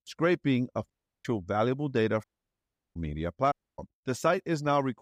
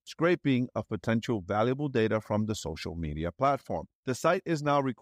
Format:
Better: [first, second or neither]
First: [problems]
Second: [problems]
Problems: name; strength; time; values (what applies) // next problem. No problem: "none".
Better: second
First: audio cutting out; at 1 s, at 2 s for 0.5 s and at 3.5 s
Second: none